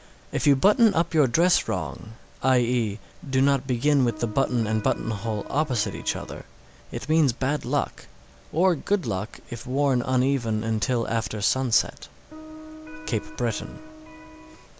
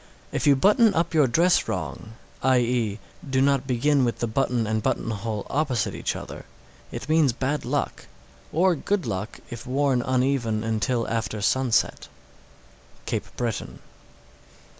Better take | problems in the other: second | background sound (Electric guitar); 16 dB below the speech

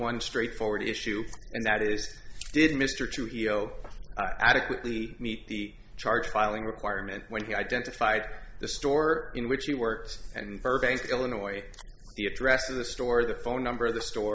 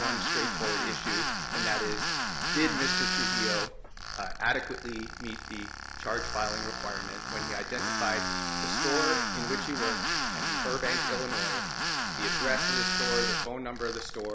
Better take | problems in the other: first | background sound (Tools); 3 dB above the speech

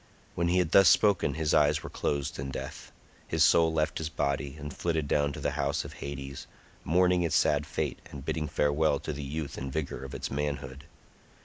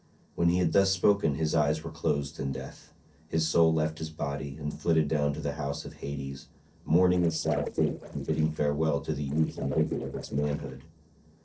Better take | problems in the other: first | noise reduction (neural separator model SepFormer DNS4)

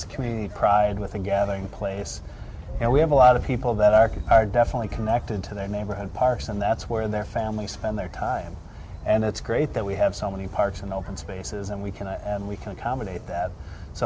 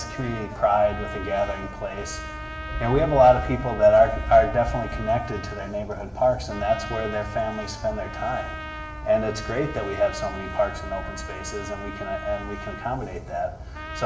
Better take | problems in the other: first | background sound (Trumpet); 13 dB below the speech // room echo; dies away in 0.7 s

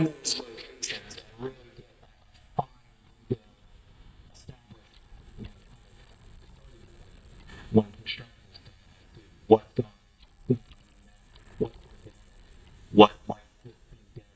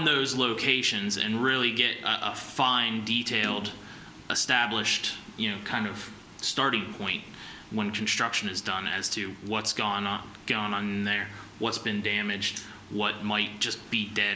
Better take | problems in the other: second | noise reduction (neural mask model DeepFilterNet 3)

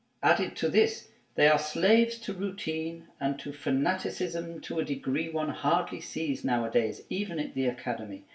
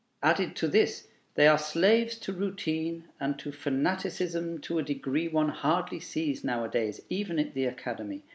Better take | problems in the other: second | room echo; dies away in 0.2 s

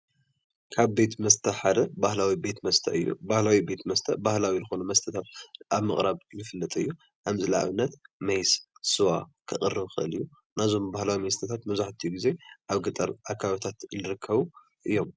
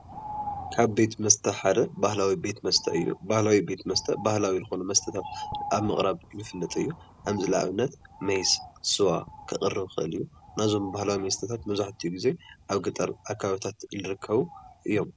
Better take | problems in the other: first | background sound (Bird); 16 dB below the speech

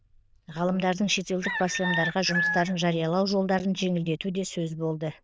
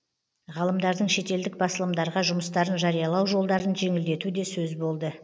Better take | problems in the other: second | noise reduction (neural diffusion model UNIVERSE++)

